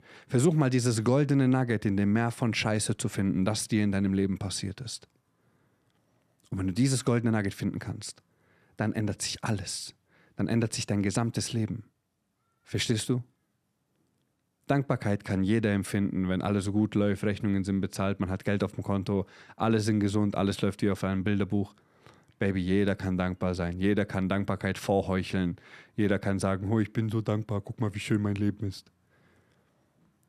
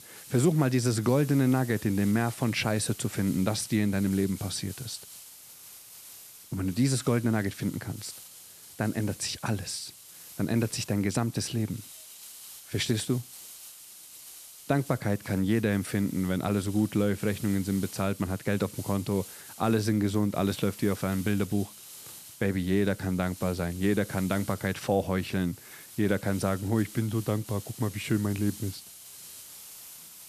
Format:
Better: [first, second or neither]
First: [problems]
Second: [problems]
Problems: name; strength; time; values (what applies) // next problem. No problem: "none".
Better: first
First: none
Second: hiss; noticeable; throughout; 15 dB below the speech